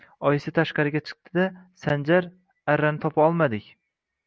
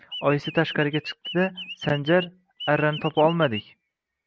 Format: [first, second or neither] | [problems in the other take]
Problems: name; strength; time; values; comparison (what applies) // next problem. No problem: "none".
first | background sound (Chirp, tweet); 12 dB below the speech